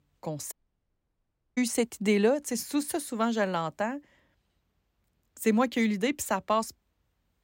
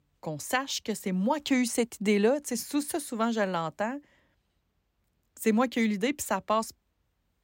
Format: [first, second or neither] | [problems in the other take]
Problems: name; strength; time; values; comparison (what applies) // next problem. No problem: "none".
second | audio cutting out; at 0.5 s for 1 s